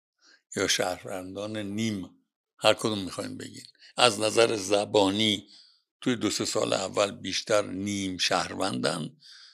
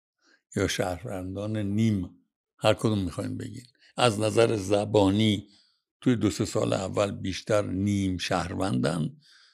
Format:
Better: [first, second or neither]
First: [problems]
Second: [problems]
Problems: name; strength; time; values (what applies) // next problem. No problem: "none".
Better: second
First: thin; very slightly; fading below 950 Hz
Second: none